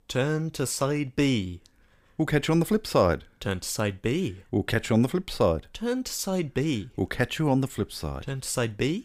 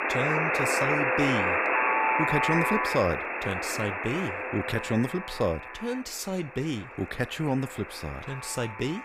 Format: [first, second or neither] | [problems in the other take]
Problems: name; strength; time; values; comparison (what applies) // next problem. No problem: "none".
first | alarms or sirens; very loud; throughout; 4 dB above the speech